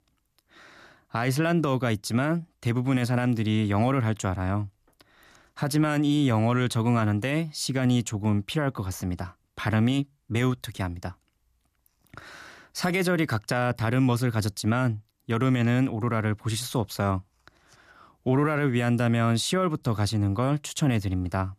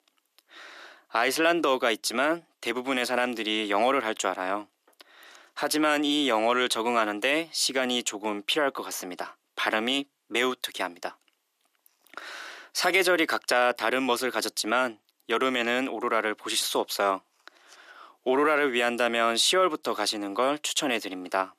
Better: first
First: none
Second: thin; very; fading below 350 Hz

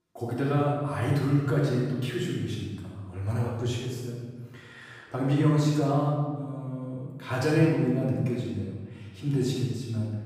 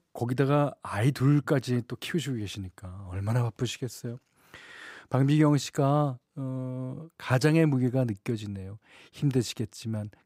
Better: second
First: off-mic speech; far // room echo; strong; dies away in 1.3 s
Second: none

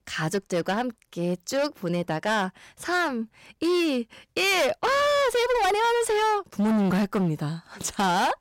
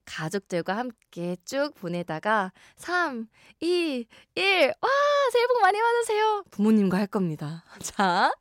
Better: second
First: distortion; heavy; 20% of the sound clipped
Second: none

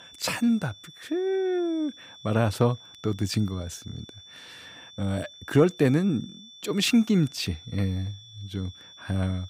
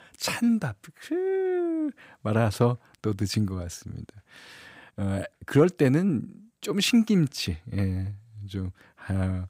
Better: second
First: high-pitched whine; noticeable; throughout; 3.5 kHz, 20 dB below the speech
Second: none

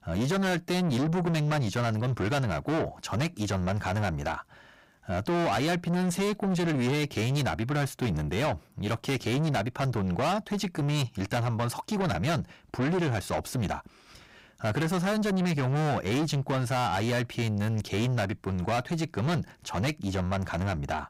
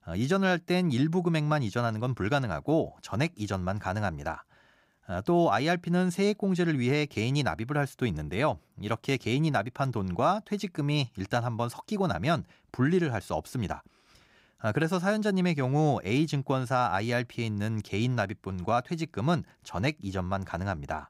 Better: second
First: distortion; heavy; 6 dB below the speech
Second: none

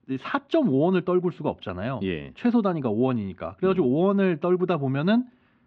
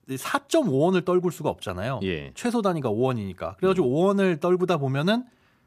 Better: second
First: muffled; slightly; fading above 3.5 kHz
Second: none

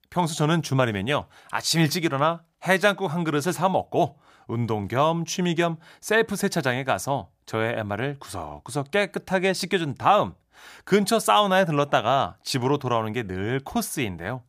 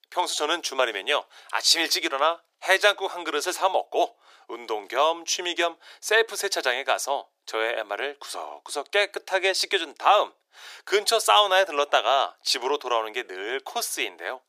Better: first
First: none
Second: thin; very; fading below 400 Hz

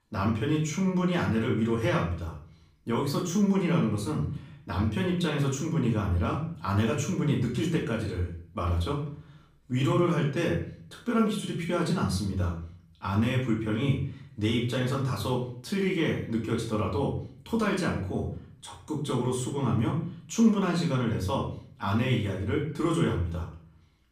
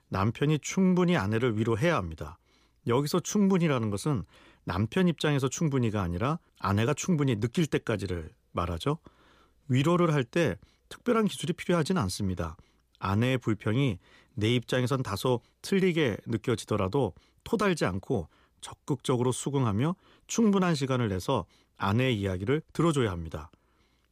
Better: second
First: off-mic speech; far // room echo; slight; dies away in 0.5 s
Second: none

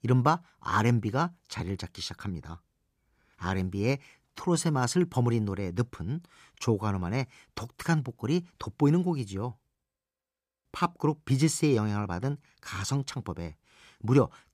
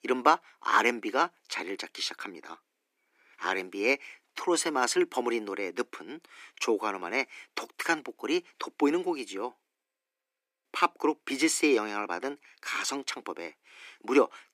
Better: first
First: none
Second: thin; somewhat; fading below 300 Hz

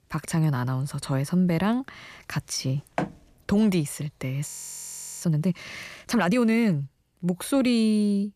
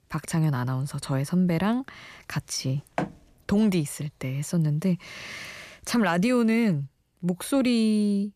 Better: second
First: audio freezing; at 4.5 s for 0.5 s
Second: none

